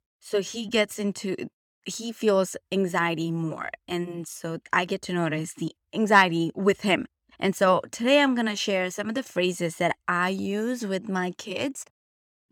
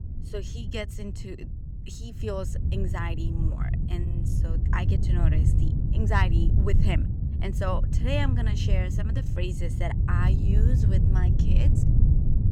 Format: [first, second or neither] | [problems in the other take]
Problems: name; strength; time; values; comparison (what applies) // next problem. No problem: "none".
first | wind noise on the microphone; heavy; 4 dB below the speech